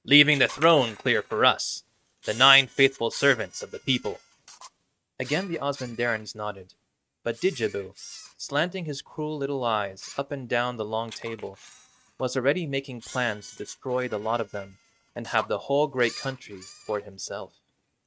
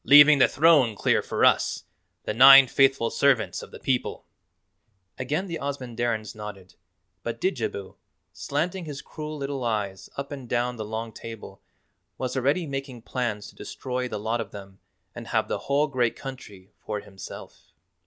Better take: second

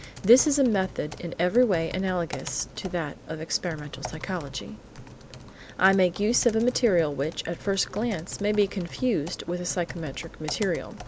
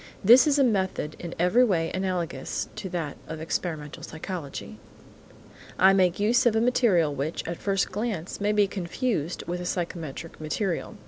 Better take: second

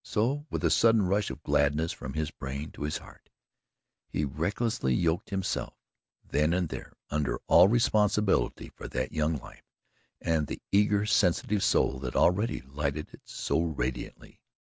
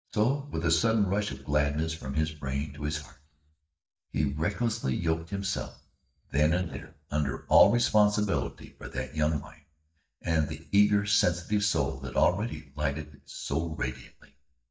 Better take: first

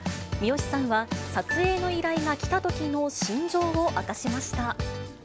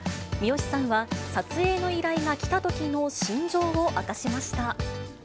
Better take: second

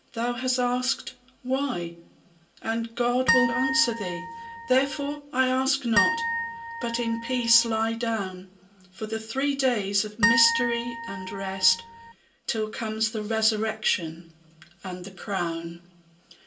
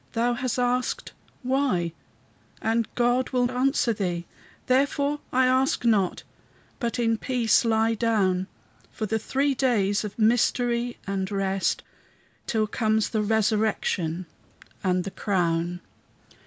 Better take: second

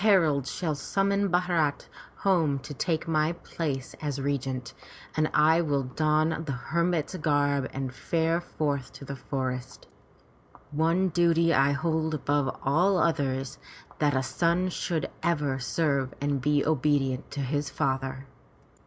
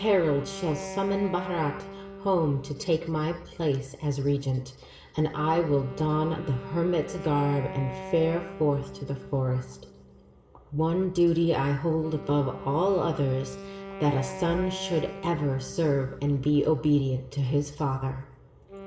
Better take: first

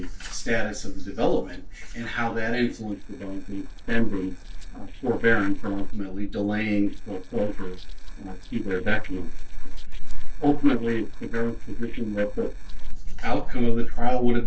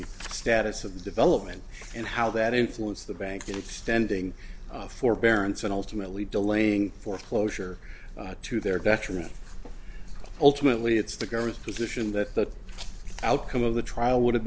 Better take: second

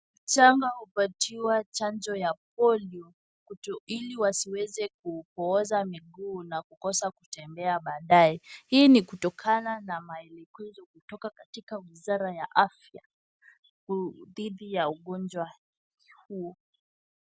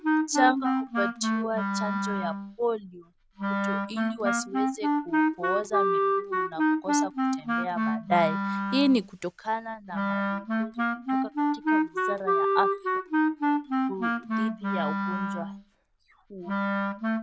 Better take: first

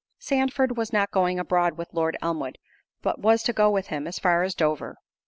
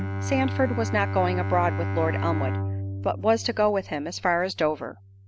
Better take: first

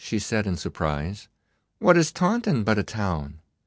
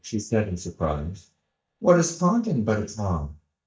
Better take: first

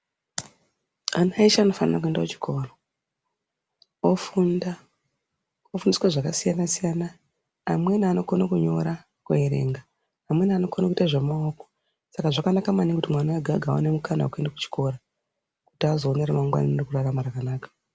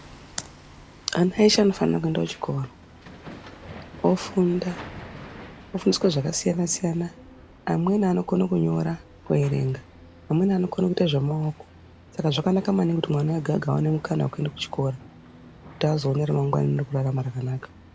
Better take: first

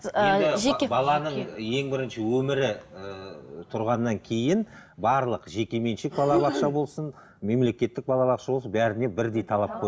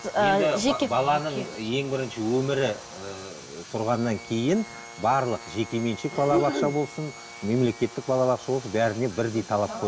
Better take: first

